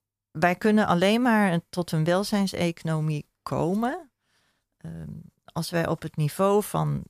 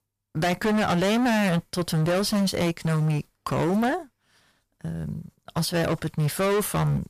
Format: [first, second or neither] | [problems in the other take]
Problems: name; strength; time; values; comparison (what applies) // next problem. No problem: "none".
first | distortion; heavy; 24% of the sound clipped